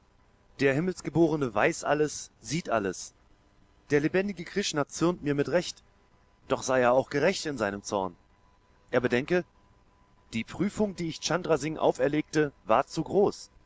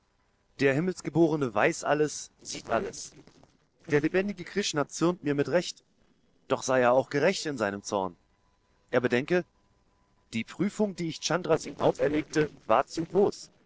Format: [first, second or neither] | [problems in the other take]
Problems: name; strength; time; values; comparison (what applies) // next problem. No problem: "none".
first | noise reduction (neural separator model SepFormer DNS4)